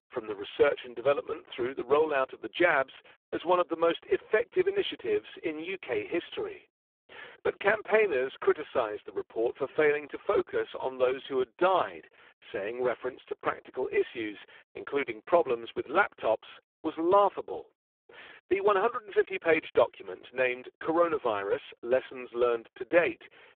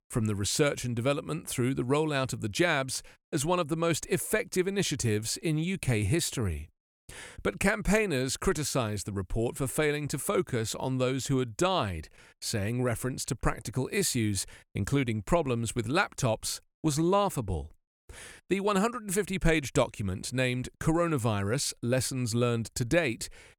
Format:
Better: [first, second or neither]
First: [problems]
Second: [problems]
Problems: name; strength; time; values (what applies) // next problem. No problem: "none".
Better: second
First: phone-call audio; poor line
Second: none